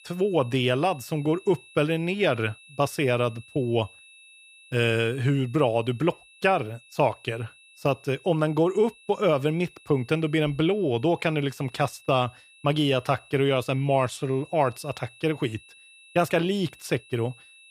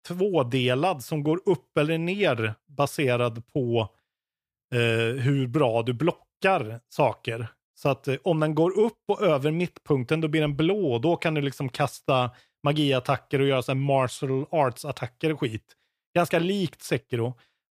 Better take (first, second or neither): second